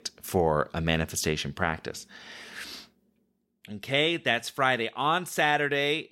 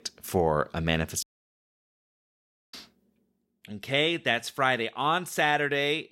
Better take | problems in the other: first | audio cutting out; at 1 s for 1.5 s

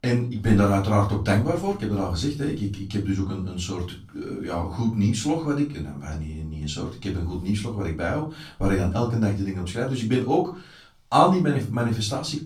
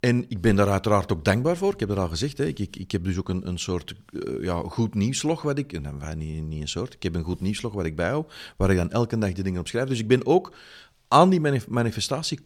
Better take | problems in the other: second | off-mic speech; far // room echo; slight; dies away in 0.3 s

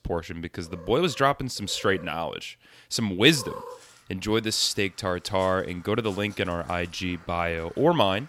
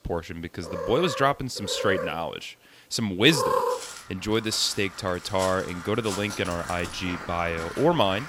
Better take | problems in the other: first | animal sounds; loud; throughout; 7 dB below the speech; faint in the first

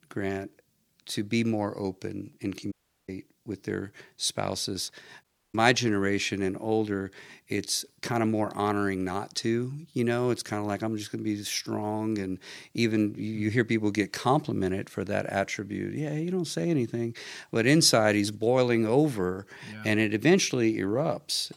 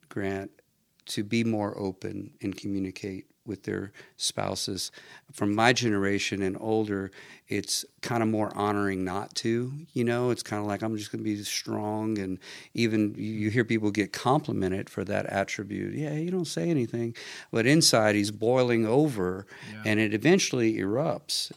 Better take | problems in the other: second | audio cutting out; at 2.5 s and at 5 s

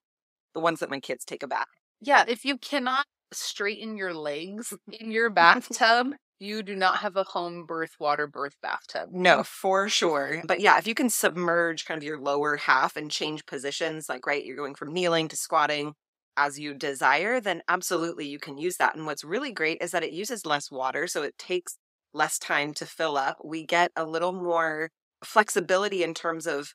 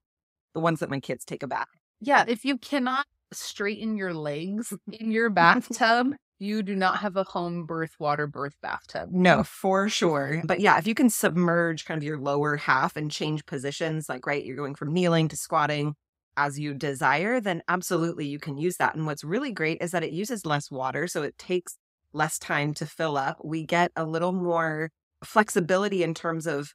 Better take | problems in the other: second | thin; somewhat; fading below 350 Hz

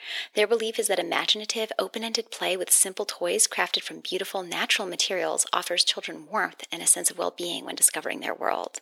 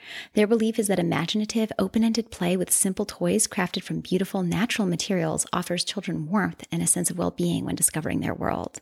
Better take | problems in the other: second | thin; very; fading below 450 Hz

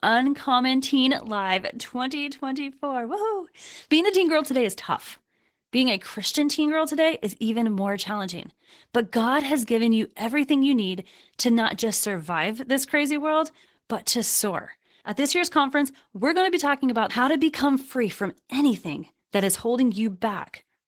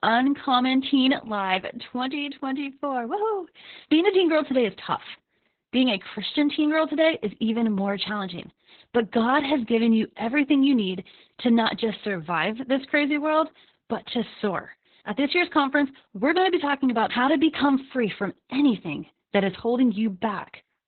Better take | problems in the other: first | garbled, watery; badly; nothing above 4 kHz; slightly in the first

